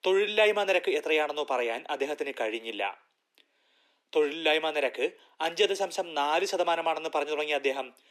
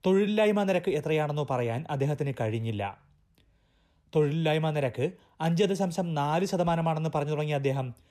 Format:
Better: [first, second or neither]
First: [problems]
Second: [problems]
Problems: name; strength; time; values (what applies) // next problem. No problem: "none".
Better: second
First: thin; very; fading below 300 Hz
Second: none